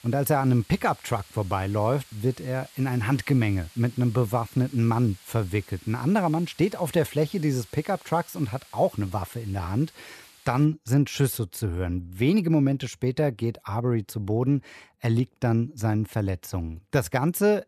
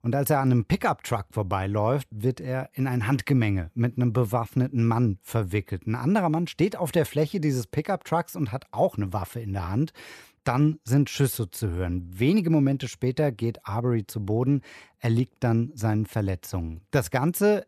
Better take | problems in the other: second | hiss; faint; until 11 s; 25 dB below the speech

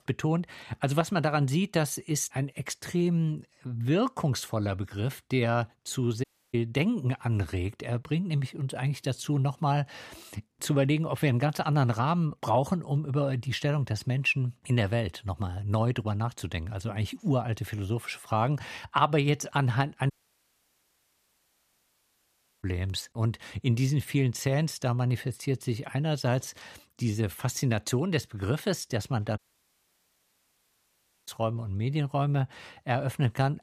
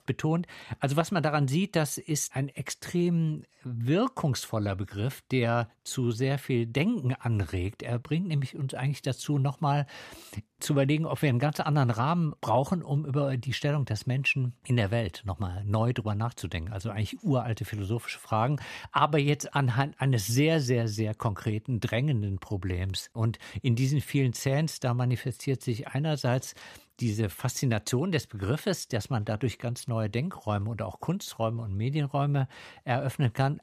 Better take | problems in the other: second | audio cutting out; at 6 s, at 20 s for 2.5 s and at 29 s for 2 s

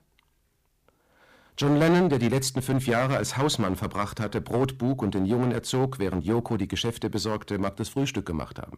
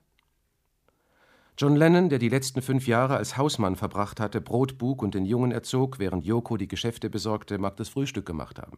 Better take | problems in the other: second | distortion; heavy; 6% of the sound clipped

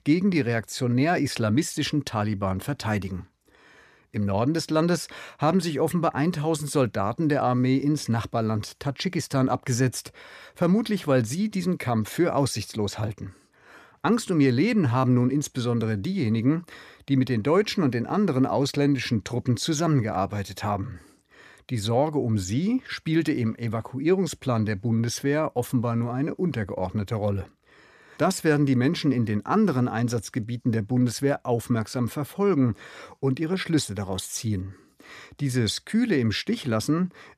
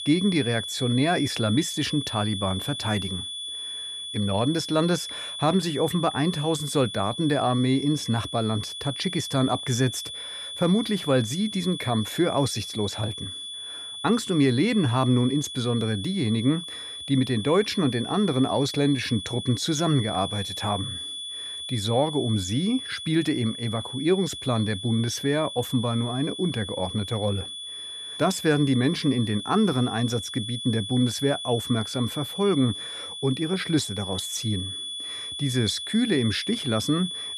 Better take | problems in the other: first | high-pitched whine; loud; throughout; 3.5 kHz, 7 dB below the speech

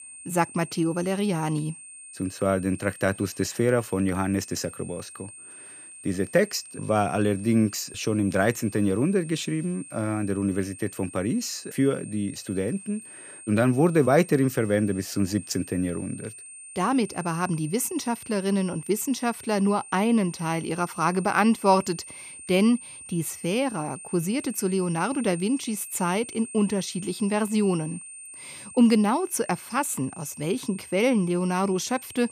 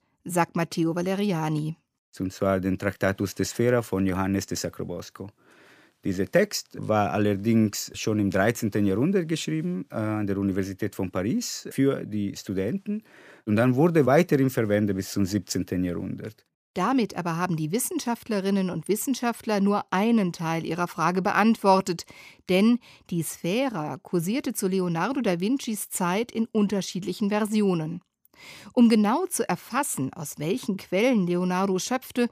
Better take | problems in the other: second | high-pitched whine; noticeable; throughout; 8.5 kHz, 15 dB below the speech

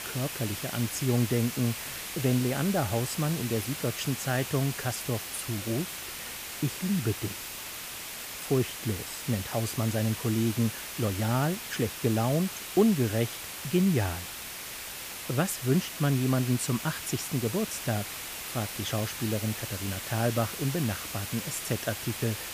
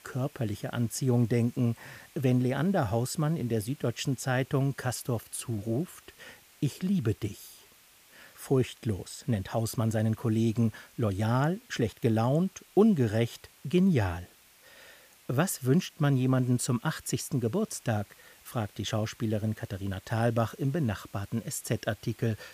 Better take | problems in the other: second | hiss; loud; throughout; 6 dB below the speech; faint in the second

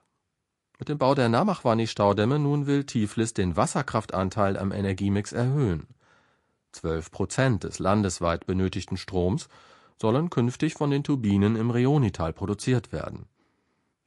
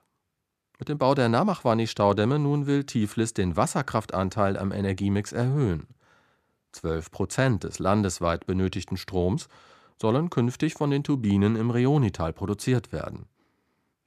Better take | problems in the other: second | garbled, watery; slightly

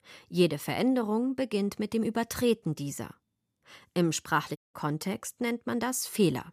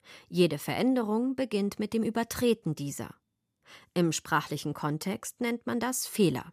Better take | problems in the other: second | audio cutting out; at 4.5 s

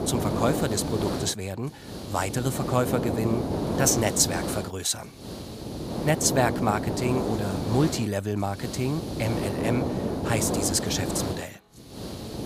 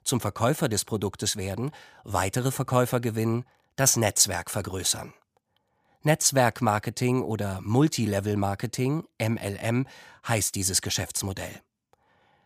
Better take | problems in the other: second | hiss; loud; throughout; 3 dB below the speech

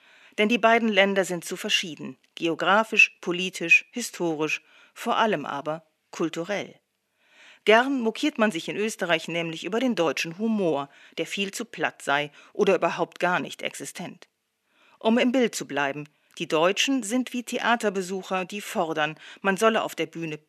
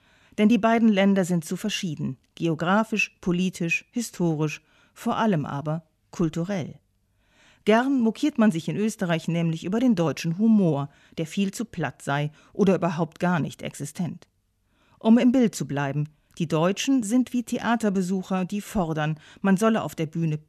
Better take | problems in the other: second | thin; somewhat; fading below 400 Hz

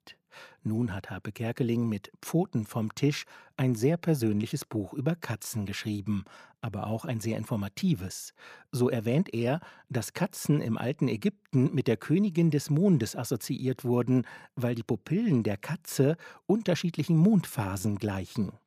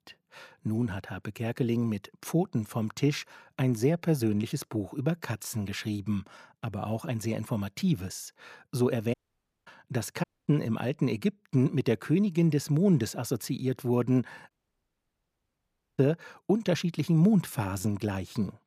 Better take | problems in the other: first | audio cutting out; at 9 s for 0.5 s, at 10 s and at 15 s for 1.5 s

